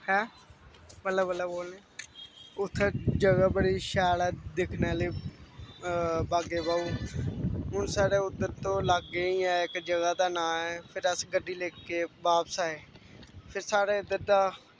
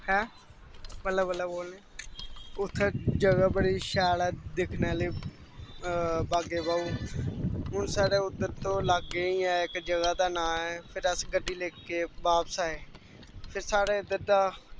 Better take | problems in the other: first | background sound (Mechanisms + Camera); 13 dB below the speech

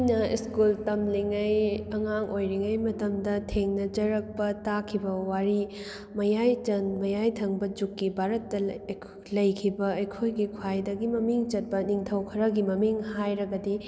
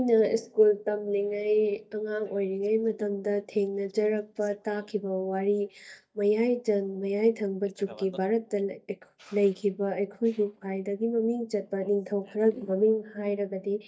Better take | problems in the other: first | noise reduction (neural mask model DeepFilterNet 3)

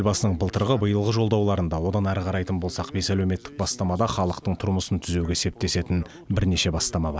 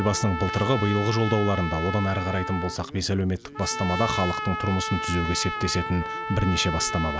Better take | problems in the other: first | background sound (Trumpet); 6 dB below the speech

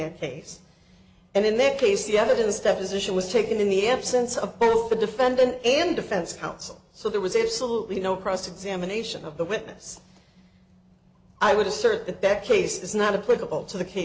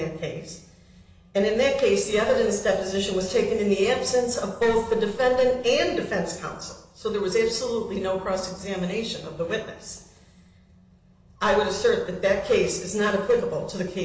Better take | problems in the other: first | room echo; dies away in 0.9 s

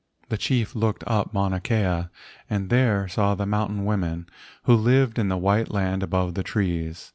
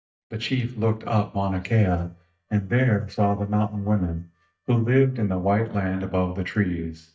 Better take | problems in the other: first | noise reduction (neural mask model DeepFilterNet 3)

